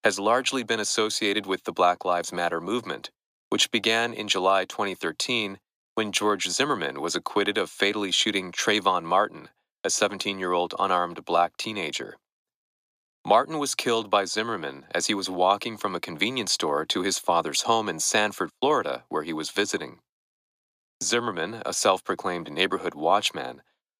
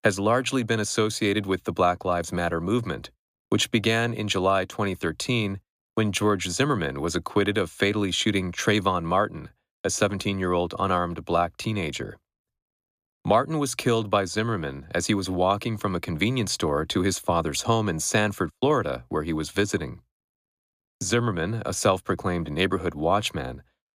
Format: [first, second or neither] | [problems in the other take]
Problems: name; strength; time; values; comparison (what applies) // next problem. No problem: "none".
second | thin; somewhat; fading below 300 Hz